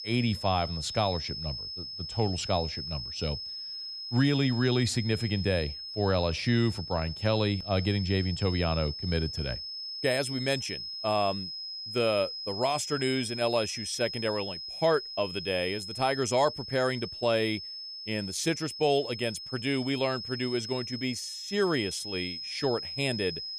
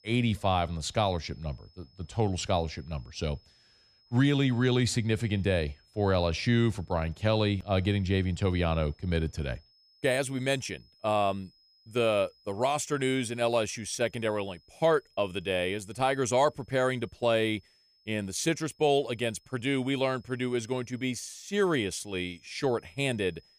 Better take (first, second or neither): second